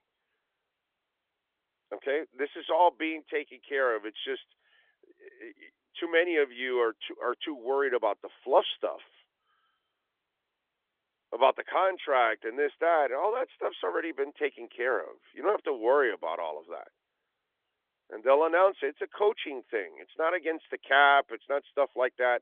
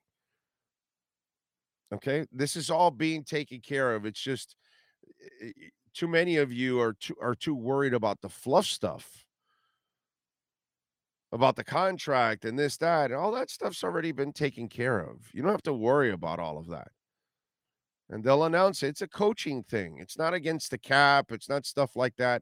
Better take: second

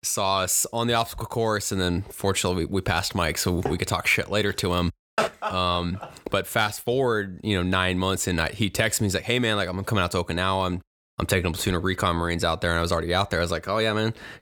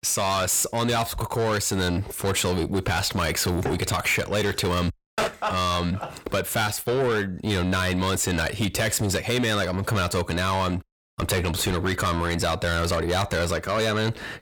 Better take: first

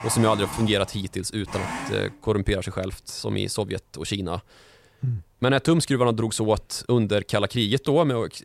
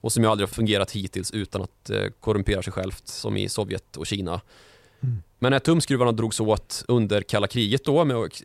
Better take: second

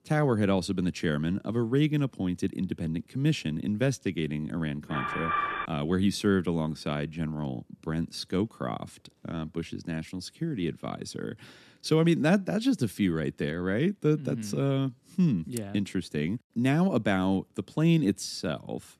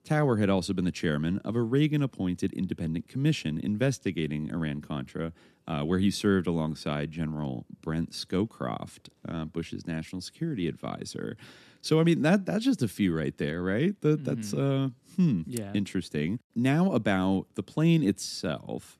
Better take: second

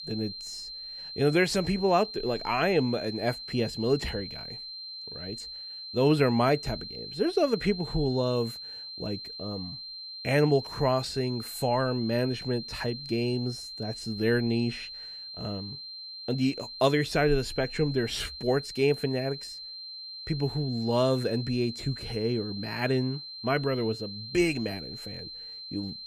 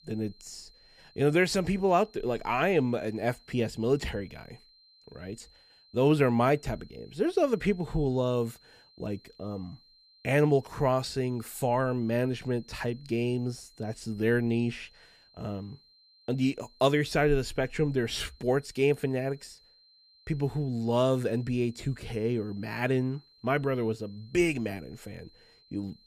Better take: second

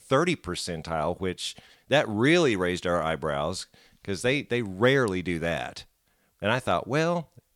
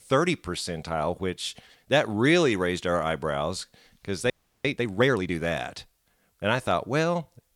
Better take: first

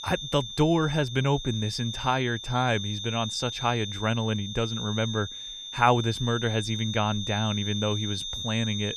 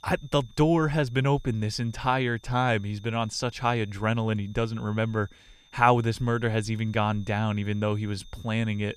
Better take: second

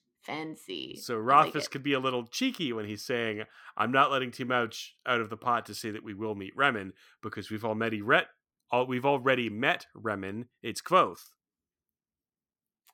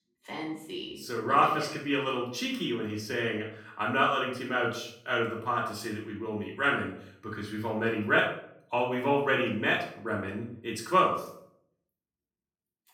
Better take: first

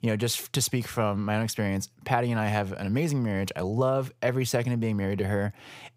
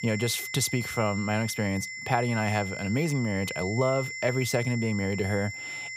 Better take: first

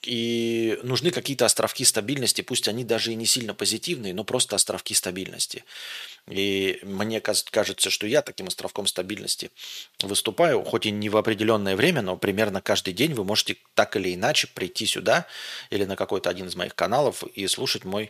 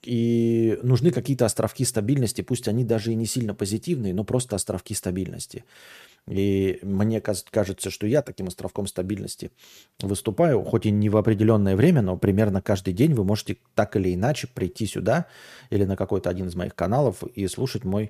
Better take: second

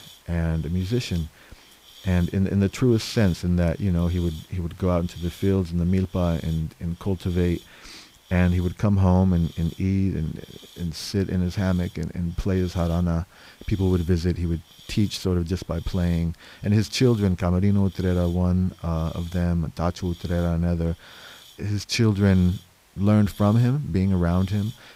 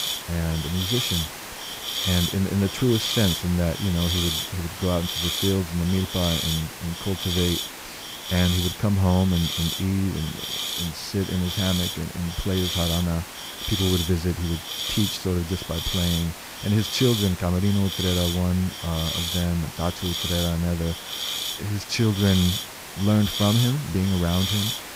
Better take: first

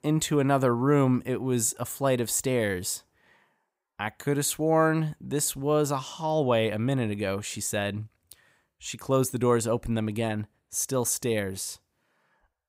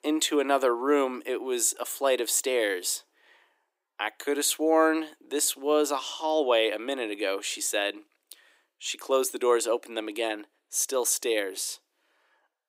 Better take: first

